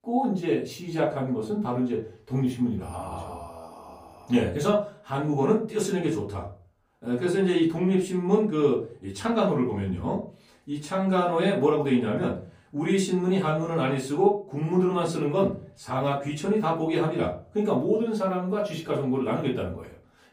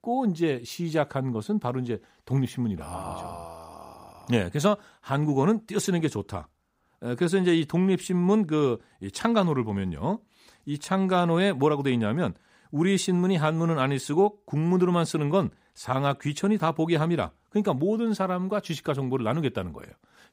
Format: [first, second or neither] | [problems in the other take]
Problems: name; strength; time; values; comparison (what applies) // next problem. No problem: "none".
second | off-mic speech; far // room echo; slight; dies away in 0.3 s